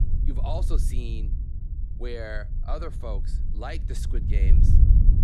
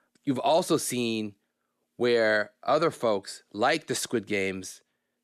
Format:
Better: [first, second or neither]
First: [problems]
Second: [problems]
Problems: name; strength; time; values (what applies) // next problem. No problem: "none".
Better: second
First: wind noise on the microphone; heavy; 6 dB below the speech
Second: none